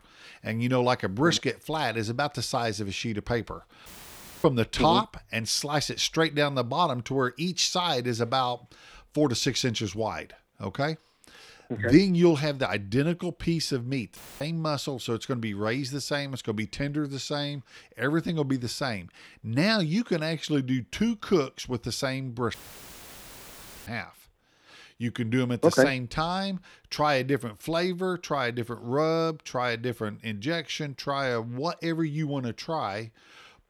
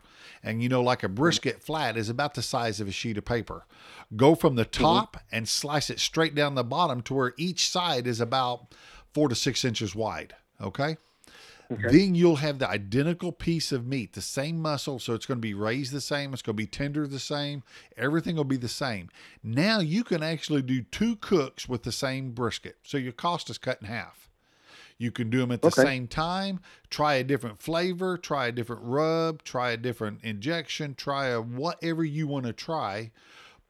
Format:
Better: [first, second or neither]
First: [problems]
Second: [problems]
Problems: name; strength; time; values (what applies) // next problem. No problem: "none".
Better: second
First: audio cutting out; filled with static; at 4 s for 0.5 s, at 14 s and at 23 s for 1.5 s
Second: none